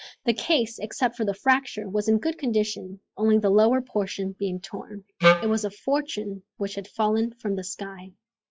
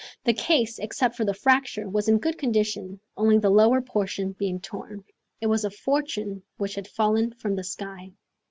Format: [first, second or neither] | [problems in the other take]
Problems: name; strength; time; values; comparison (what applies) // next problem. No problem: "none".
second | noise reduction (classical method log-MMSE)